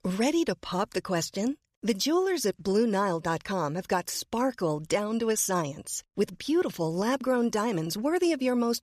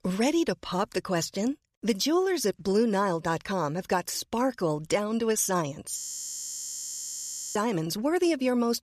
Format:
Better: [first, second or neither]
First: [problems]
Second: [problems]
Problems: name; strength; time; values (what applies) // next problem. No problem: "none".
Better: first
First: none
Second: audio freezing; at 6 s for 1.5 s